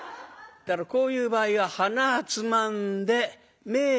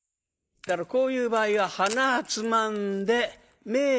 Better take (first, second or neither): first